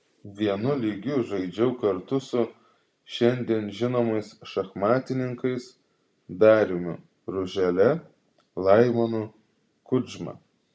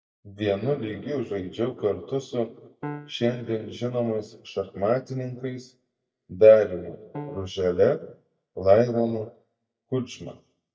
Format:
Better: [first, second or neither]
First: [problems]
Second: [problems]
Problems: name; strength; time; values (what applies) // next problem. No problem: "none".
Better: first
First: none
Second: noise reduction (neural mask model DeepFilterNet 3)